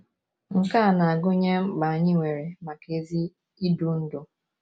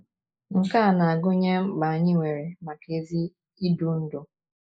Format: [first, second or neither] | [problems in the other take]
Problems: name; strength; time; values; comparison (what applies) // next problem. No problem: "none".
first | noise reduction (neural mask model Resemble Enhance denoiser)